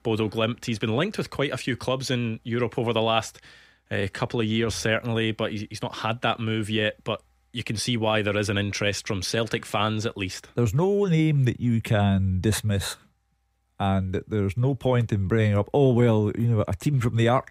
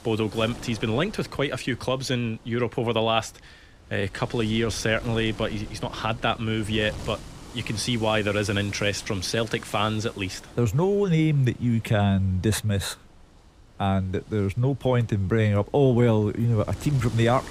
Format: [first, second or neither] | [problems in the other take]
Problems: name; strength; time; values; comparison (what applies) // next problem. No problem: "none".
first | wind noise on the microphone; occasional gusts; 20 dB below the speech